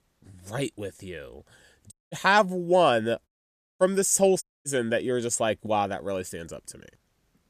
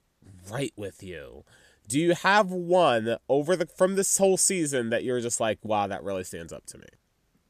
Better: second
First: audio cutting out; at 2 s, at 3.5 s for 0.5 s and at 4.5 s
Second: none

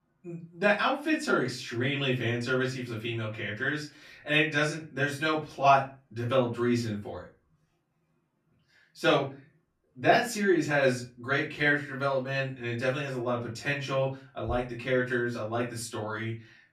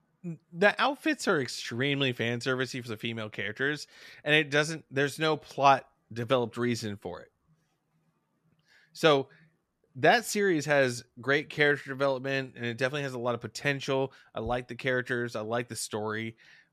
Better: second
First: off-mic speech; far // room echo; slight; dies away in 0.3 s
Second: none

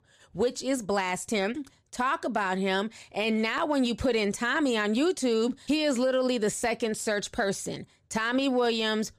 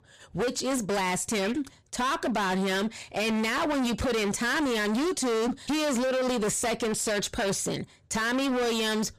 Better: first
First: none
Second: distortion; heavy; 35% of the sound clipped

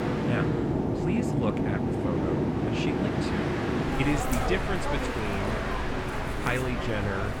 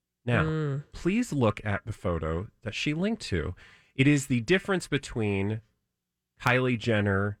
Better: second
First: train or aircraft noise; very loud; throughout; 4 dB above the speech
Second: none

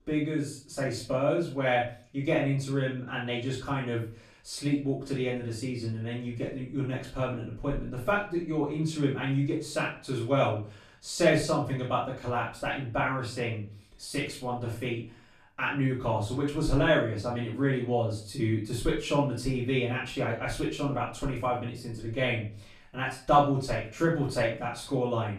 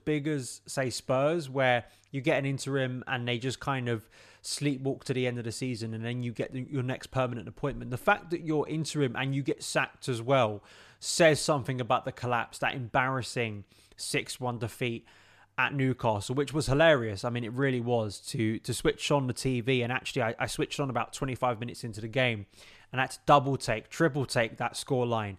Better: second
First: off-mic speech; far // room echo; noticeable; dies away in 0.3 s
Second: none

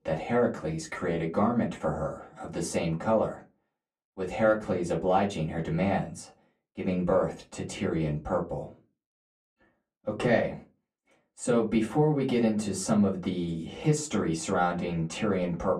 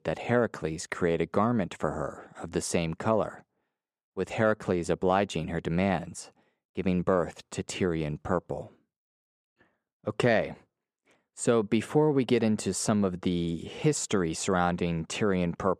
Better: second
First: off-mic speech; far // room echo; very slight; dies away in 0.2 s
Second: none

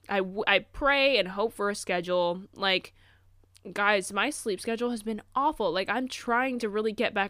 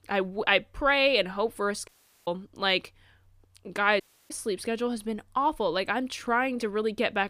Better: first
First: none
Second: audio cutting out; at 2 s and at 4 s

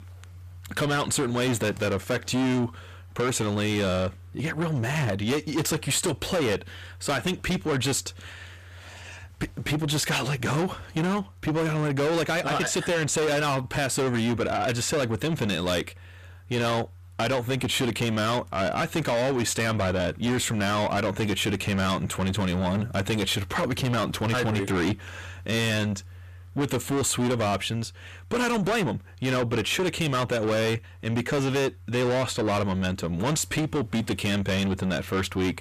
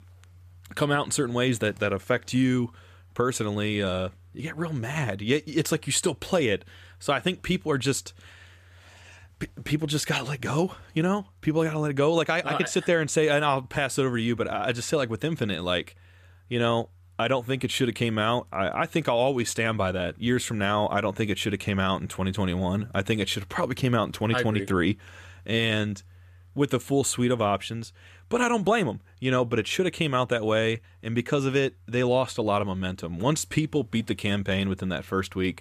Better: second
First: distortion; heavy; 6 dB below the speech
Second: none

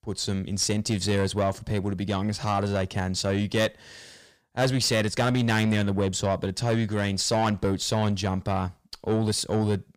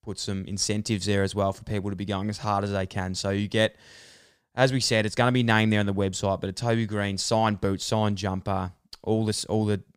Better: second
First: distortion; slight; 10 dB below the speech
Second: none

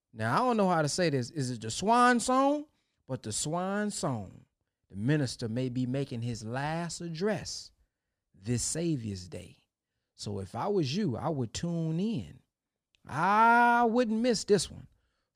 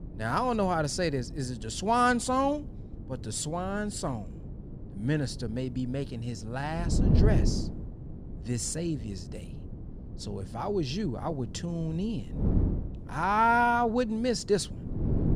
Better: first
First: none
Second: wind noise on the microphone; occasional gusts; 15 dB below the speech

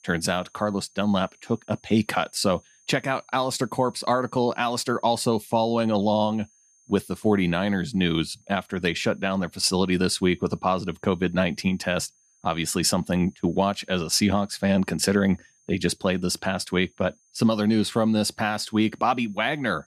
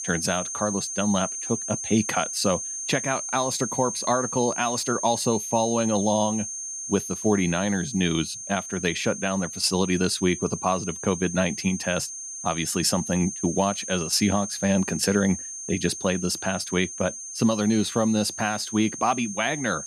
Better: first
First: high-pitched whine; faint; throughout; 6.5 kHz, 35 dB below the speech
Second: high-pitched whine; loud; throughout; 6.5 kHz, 6 dB below the speech

